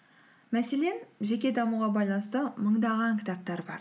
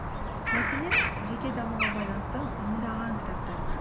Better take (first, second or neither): first